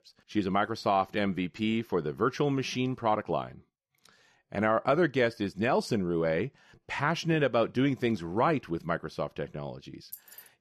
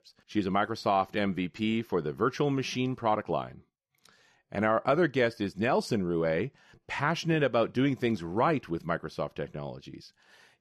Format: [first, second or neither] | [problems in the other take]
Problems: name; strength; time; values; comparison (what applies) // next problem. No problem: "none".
second | jangling keys; faint; at 10 s; peak 15 dB below the speech